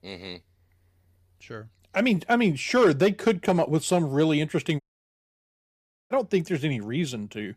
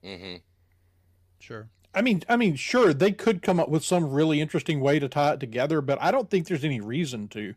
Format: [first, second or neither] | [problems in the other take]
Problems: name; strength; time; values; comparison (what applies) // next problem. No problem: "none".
second | audio cutting out; at 5 s for 1.5 s